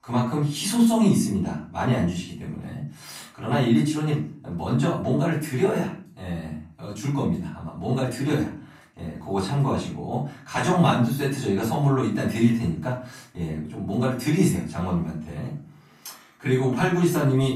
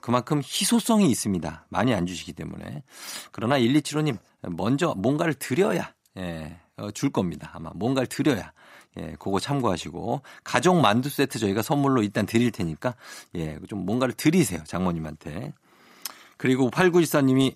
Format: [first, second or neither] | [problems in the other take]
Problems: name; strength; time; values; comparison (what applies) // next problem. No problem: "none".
second | off-mic speech; far // room echo; noticeable; dies away in 0.4 s